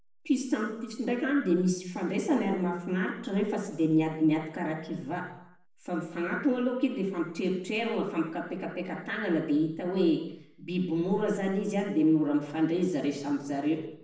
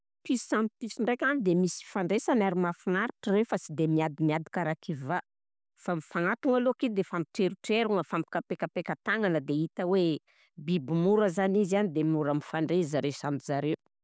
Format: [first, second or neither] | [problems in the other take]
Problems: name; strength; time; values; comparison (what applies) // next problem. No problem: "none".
second | room echo; dies away in 0.7 s